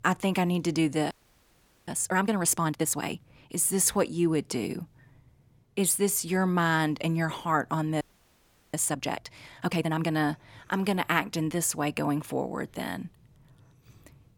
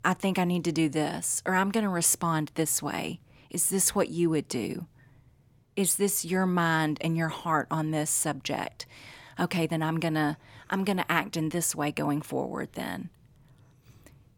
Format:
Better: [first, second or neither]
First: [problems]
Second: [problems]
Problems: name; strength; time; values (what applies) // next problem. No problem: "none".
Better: second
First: audio freezing; at 1 s for 1 s and at 8 s for 0.5 s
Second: none